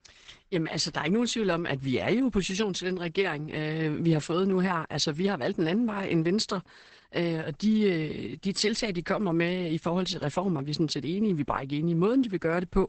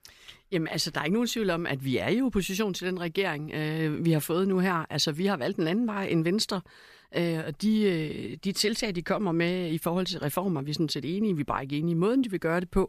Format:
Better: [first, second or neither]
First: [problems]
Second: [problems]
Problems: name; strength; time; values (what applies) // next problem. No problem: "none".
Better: second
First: garbled, watery; badly; nothing above 8 kHz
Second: none